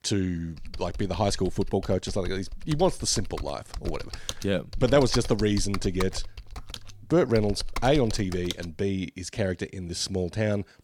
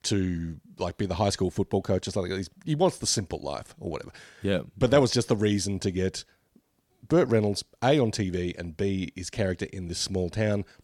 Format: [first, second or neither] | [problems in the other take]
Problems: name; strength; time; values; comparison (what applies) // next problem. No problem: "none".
second | keyboard typing; noticeable; from 0.5 to 8.5 s; peak 8 dB below the speech